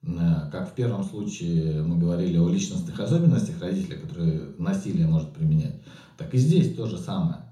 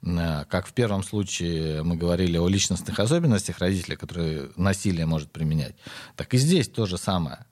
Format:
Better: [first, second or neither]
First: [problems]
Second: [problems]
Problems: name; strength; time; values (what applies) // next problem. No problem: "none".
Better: second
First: room echo; slight; dies away in 0.5 s // off-mic speech; far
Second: none